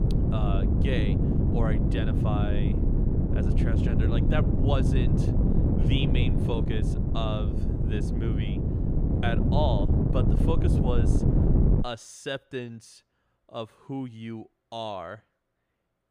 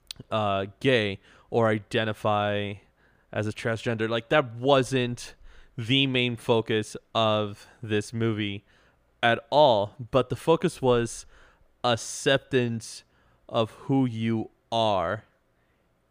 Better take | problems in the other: second | wind noise on the microphone; heavy; until 12 s; as loud as the speech

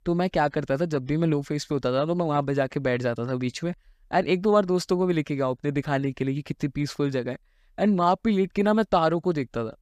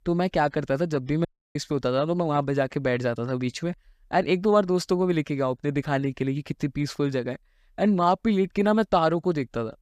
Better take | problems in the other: first | audio cutting out; at 1.5 s

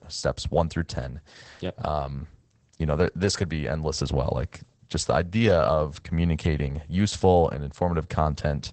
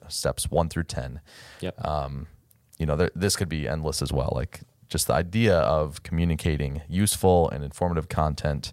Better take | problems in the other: second | garbled, watery; badly; nothing above 8 kHz

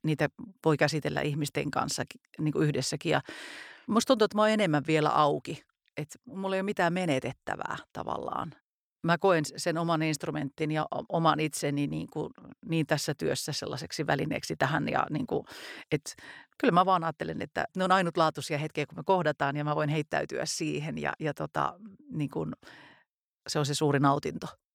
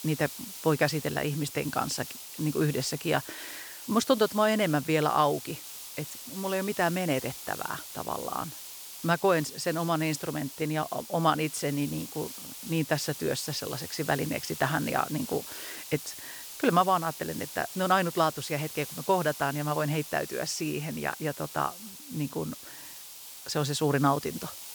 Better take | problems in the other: first | hiss; noticeable; throughout; 10 dB below the speech

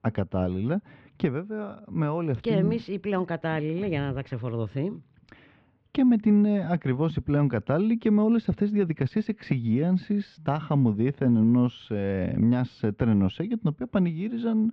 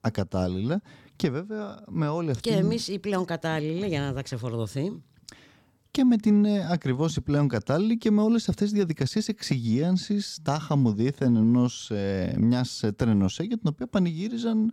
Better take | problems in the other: second | muffled; very; fading above 2.5 kHz

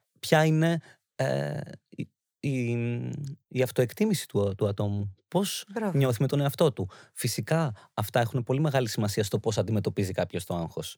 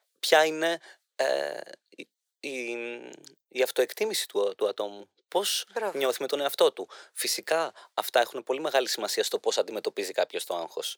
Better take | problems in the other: first | thin; very; fading below 400 Hz

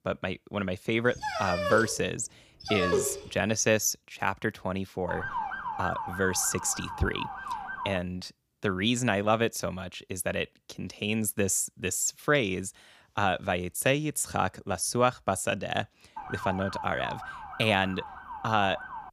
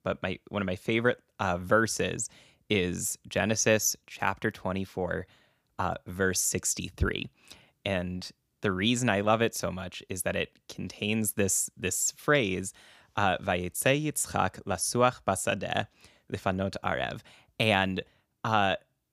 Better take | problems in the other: second | dog barking; loud; from 1 to 3 s; peak 1 dB above the speech // siren; noticeable; from 5 to 8 s and from 16 s on; peak 4 dB below the speech

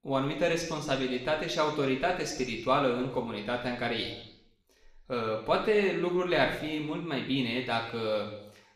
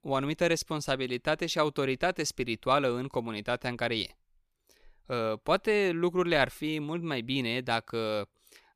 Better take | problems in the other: second | room echo; noticeable; dies away in 0.9 s // off-mic speech; somewhat distant

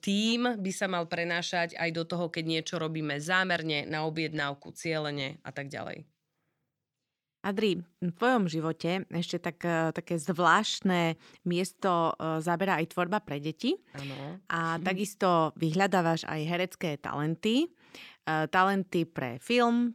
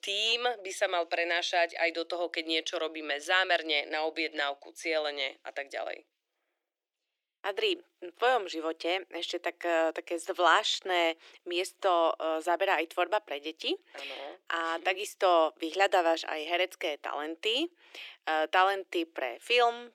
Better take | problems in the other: first | thin; very; fading below 350 Hz

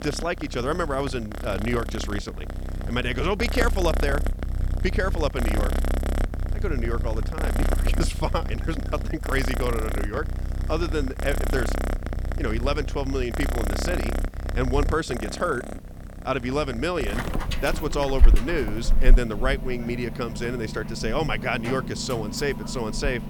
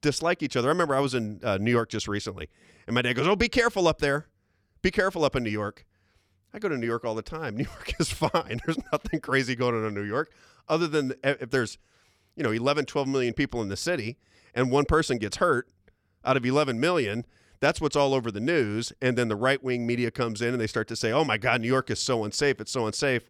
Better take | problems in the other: second | animal sounds; loud; throughout; 1 dB below the speech

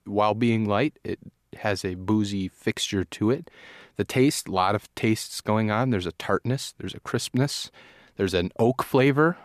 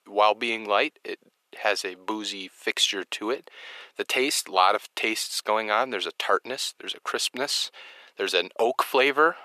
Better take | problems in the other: first | thin; very; fading below 450 Hz

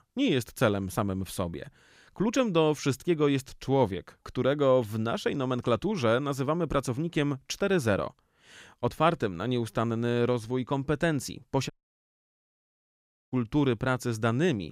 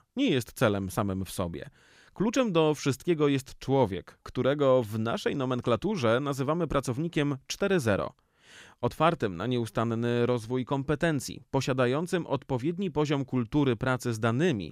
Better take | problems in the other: second | audio cutting out; at 12 s for 1.5 s

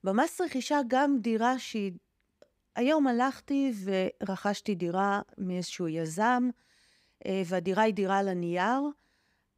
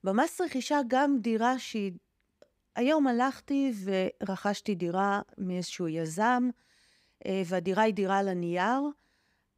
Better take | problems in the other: neither | none

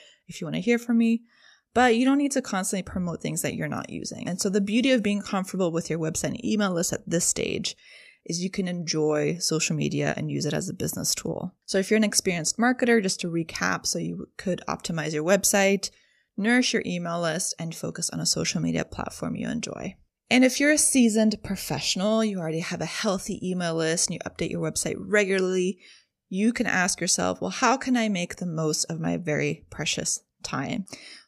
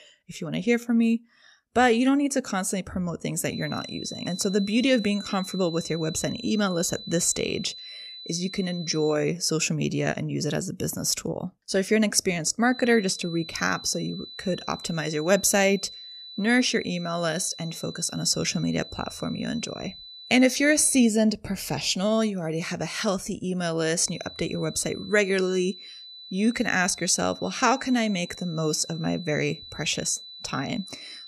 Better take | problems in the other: first | high-pitched whine; noticeable; from 3.5 to 9 s, from 13 to 21 s and from 24 s on; 4 kHz, 15 dB below the speech

